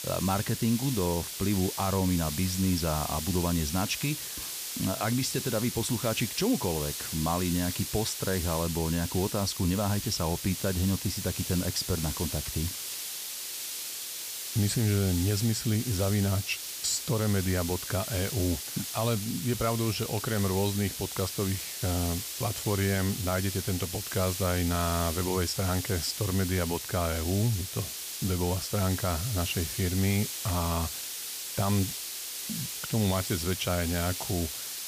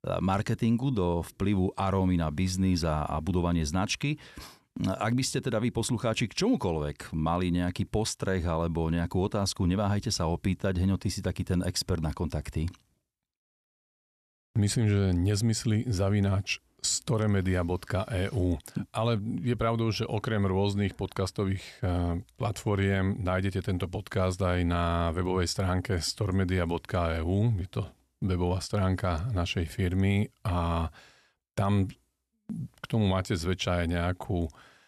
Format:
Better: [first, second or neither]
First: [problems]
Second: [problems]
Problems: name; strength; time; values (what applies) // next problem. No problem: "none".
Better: second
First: hiss; loud; throughout; 4 dB below the speech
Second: none